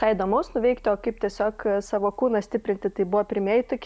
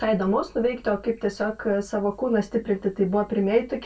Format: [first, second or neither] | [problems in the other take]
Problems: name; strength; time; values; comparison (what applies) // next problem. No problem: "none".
first | room echo; dies away in 0.1 s